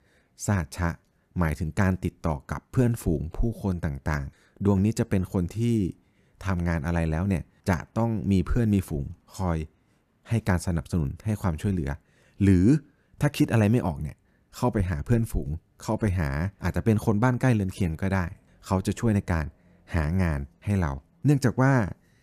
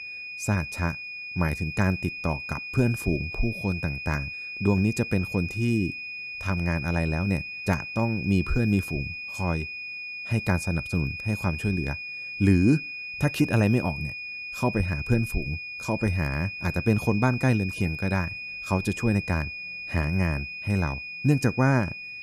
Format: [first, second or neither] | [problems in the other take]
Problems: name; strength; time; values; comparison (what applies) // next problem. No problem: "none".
first | high-pitched whine; loud; throughout; 2.5 kHz, 7 dB below the speech